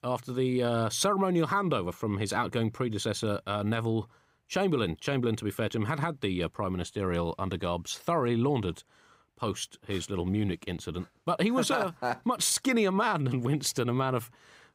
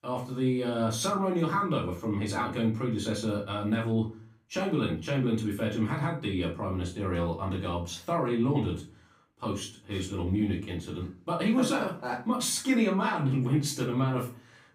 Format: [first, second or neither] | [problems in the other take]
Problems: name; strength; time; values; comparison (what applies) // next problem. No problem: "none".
first | room echo; slight; dies away in 0.3 s // off-mic speech; far